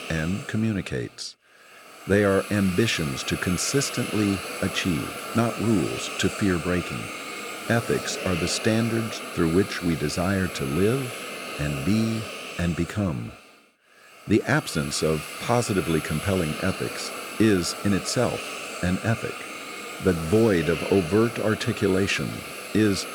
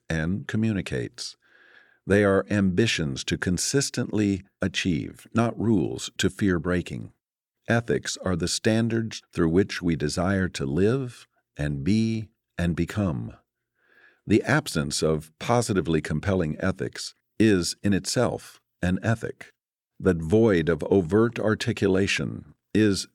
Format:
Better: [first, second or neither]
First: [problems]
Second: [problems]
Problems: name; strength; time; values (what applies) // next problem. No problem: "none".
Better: second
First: hiss; loud; throughout; 8 dB below the speech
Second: none